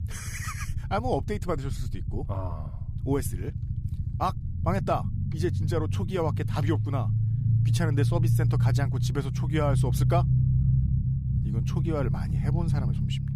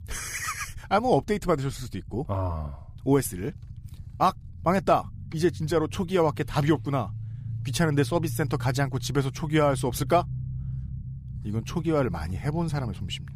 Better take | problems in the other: second | low rumble; loud; throughout; 7 dB below the speech; faint in the second

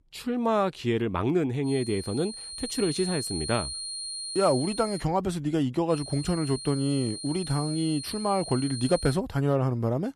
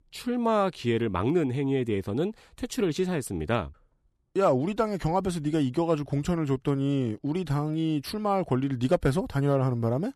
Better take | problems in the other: second | high-pitched whine; loud; from 1.5 to 5 s and from 6 to 9 s; 4 kHz, 8 dB below the speech

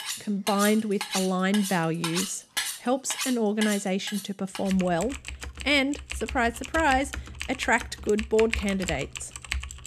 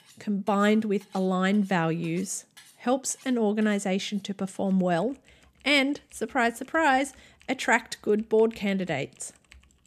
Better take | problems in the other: second | household noises; loud; throughout; 7 dB below the speech; faint in the second

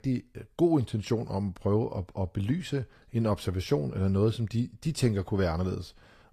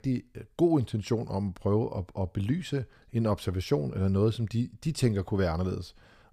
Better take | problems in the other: second | garbled, watery; slightly; nothing above 15.5 kHz

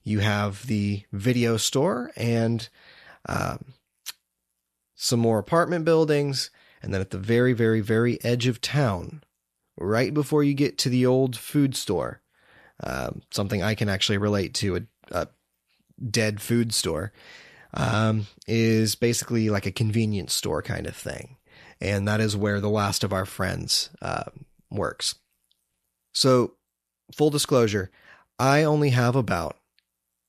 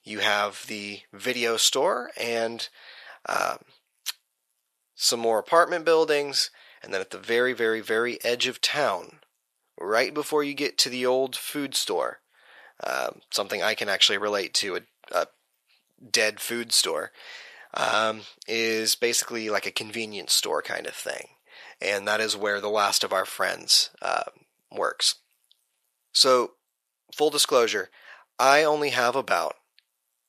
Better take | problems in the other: first | thin; very; fading below 650 Hz

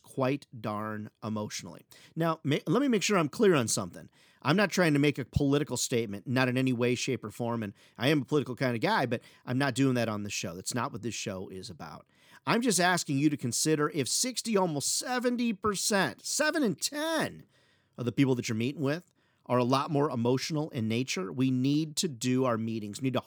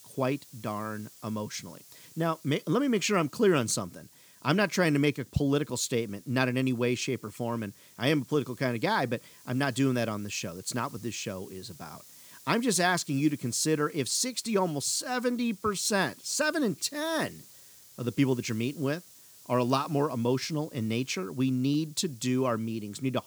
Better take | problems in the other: first | hiss; faint; throughout; 20 dB below the speech

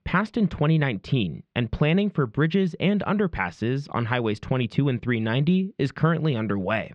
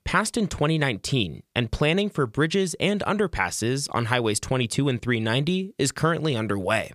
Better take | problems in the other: second | muffled; slightly; fading above 3 kHz

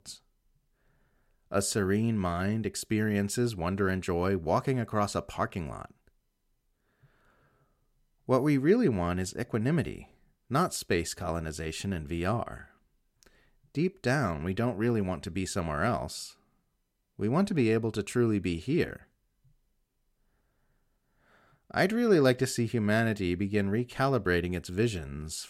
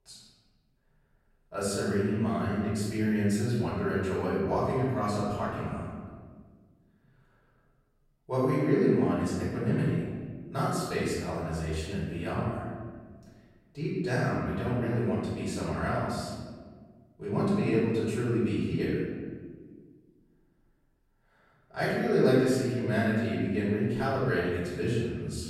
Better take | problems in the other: first | room echo; strong; dies away in 1.5 s // off-mic speech; far

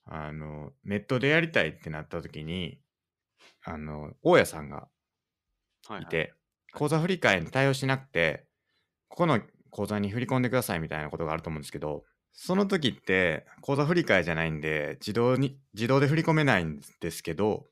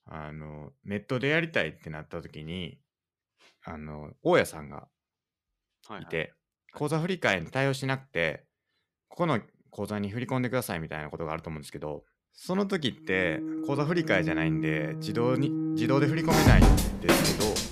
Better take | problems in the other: first | background music; very loud; from 13 s on; 3 dB above the speech

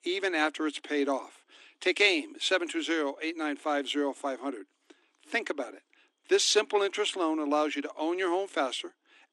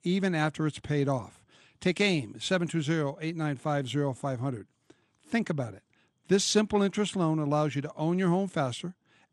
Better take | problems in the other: second | thin; somewhat; fading below 300 Hz

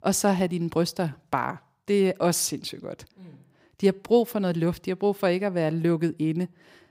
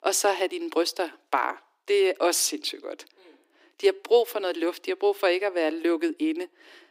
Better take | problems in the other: first | thin; very; fading below 300 Hz

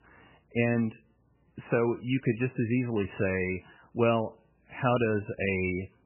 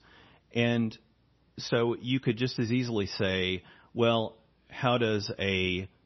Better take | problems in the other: second | garbled, watery; badly; nothing above 3 kHz; slightly in the second

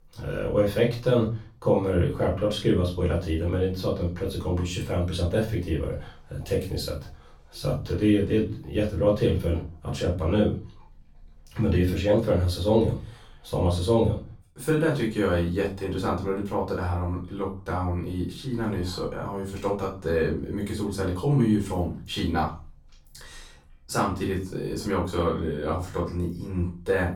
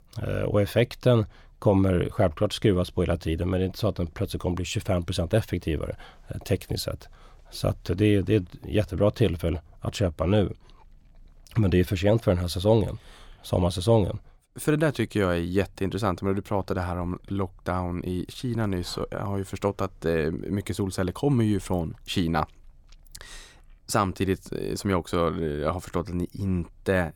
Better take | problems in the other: second | off-mic speech; far // room echo; slight; dies away in 0.3 s

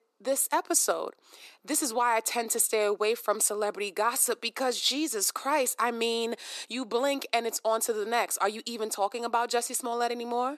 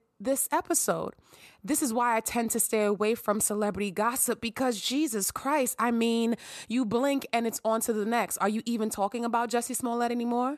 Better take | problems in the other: second | thin; somewhat; fading below 300 Hz

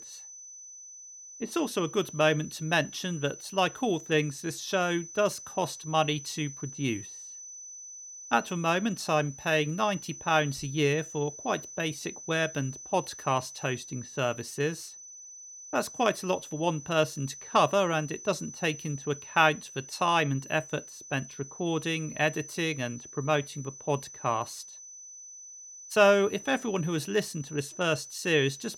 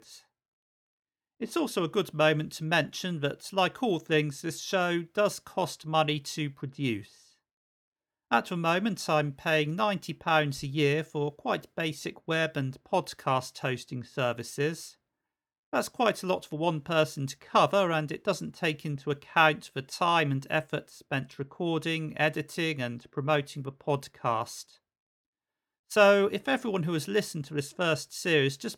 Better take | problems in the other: second | high-pitched whine; noticeable; throughout; 6 kHz, 15 dB below the speech

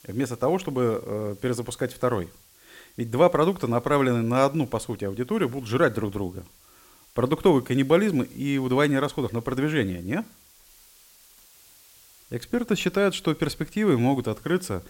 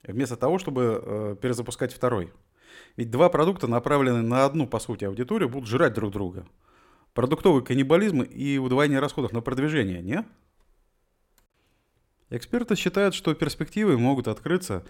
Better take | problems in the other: second | hiss; faint; throughout; 25 dB below the speech

